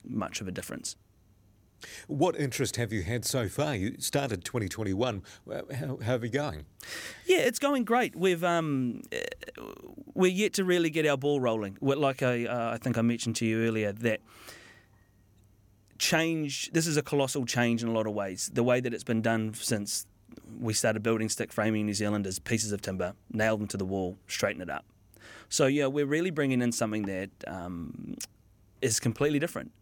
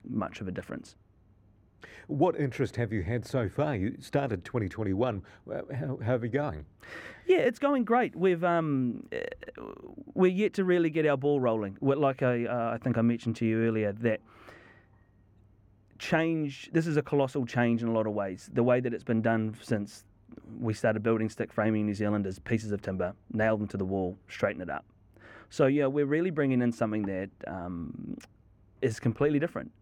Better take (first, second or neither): first